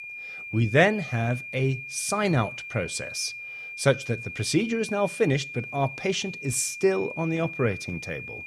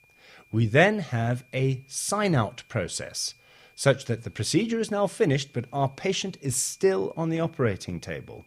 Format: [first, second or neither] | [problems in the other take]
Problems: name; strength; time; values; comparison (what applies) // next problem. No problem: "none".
second | high-pitched whine; loud; throughout; 2.5 kHz, 9 dB below the speech; faint in the second